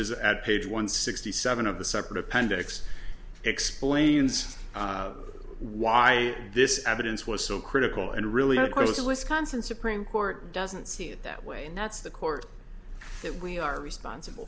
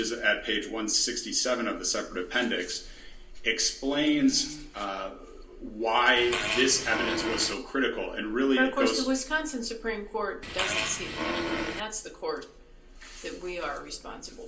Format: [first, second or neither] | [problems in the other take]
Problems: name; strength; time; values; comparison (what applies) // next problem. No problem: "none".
first | background sound (Fart); 2 dB below the speech // room echo; dies away in 0.3 s